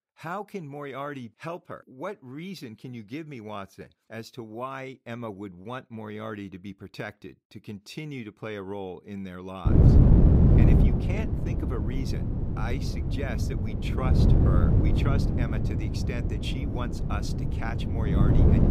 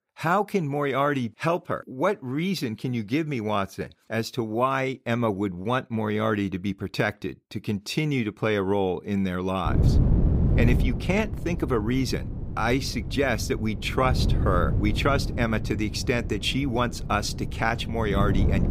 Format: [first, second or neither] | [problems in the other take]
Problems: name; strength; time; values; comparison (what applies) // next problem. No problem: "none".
second | wind noise on the microphone; heavy; from 9.5 s on; 4 dB above the speech; occasional gusts in the second